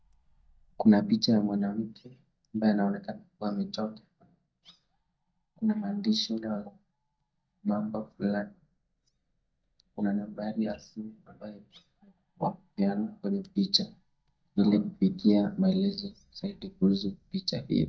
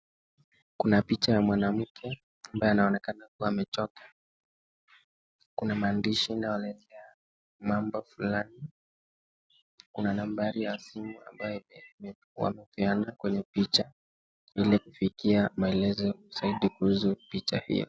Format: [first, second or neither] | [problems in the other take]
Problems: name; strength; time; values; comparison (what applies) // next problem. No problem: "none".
second | noise reduction (neural mask model DeepFilterNet 3)